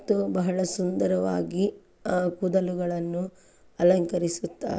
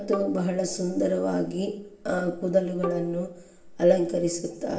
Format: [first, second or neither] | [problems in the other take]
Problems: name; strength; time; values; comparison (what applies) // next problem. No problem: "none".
first | background sound (Bowed string instrument); 14 dB below the speech // room echo; dies away in 0.7 s